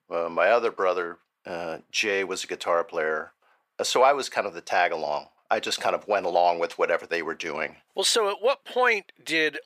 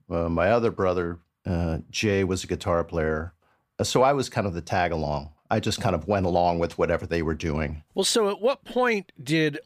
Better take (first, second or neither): second